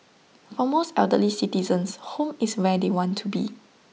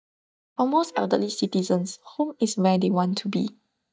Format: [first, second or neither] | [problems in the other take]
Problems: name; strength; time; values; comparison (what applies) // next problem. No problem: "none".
first | noise reduction (neural mask model DeepFilterNet 3)